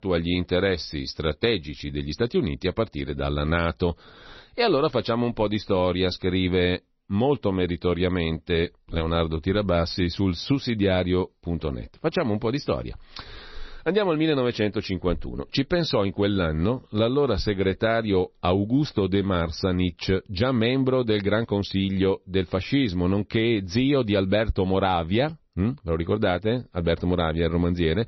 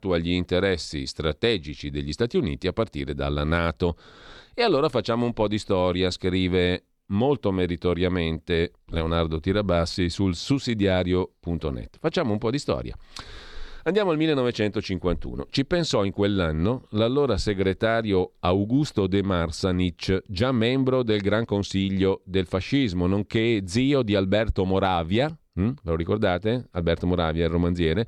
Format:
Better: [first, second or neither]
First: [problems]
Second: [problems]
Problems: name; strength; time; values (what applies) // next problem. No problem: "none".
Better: second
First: garbled, watery; slightly; nothing above 5.5 kHz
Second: none